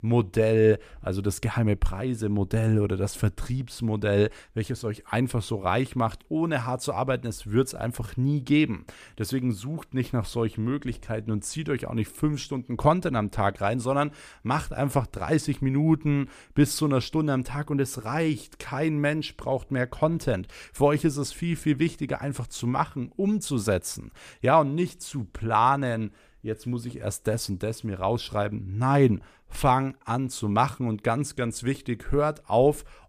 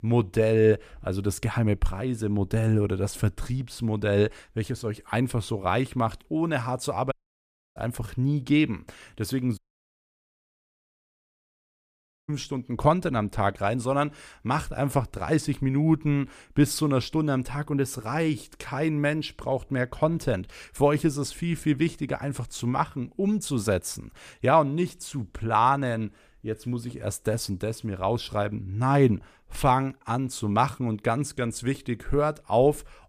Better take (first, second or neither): first